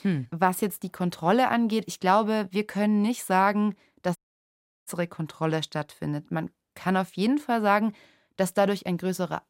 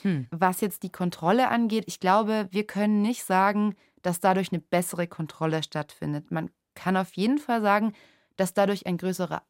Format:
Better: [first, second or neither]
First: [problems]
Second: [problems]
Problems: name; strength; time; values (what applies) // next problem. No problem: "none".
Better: second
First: audio cutting out; at 4 s for 0.5 s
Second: none